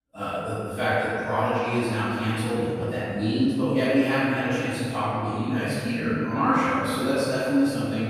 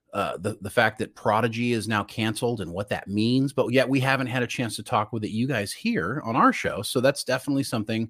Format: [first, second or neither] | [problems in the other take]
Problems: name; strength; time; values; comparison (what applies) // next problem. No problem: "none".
second | off-mic speech; far // room echo; strong; dies away in 2 s